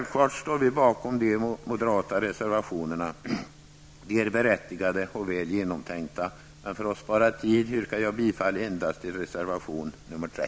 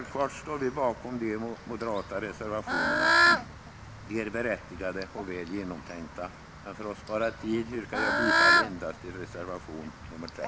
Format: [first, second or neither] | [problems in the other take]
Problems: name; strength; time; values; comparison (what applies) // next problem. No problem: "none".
first | background sound (Bird / Fowl); 3 dB above the speech